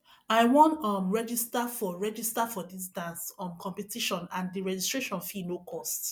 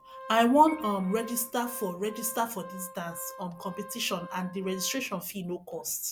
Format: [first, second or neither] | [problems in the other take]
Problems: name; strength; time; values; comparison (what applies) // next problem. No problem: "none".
first | background sound (Organ + Organ); 16 dB below the speech